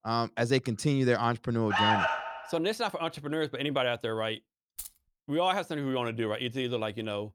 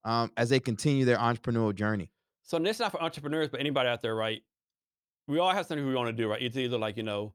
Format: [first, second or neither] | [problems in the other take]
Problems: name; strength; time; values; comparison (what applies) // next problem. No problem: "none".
second | alarm; loud; at 1.5 s; peak 5 dB above the speech // jangling keys; faint; at 5 s; peak 10 dB below the speech